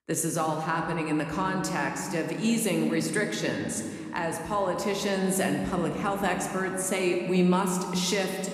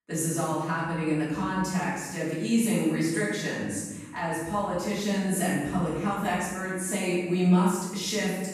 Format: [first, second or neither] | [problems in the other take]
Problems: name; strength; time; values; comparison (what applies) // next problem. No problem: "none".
first | room echo; strong; dies away in 1.2 s; slight in the first // off-mic speech; far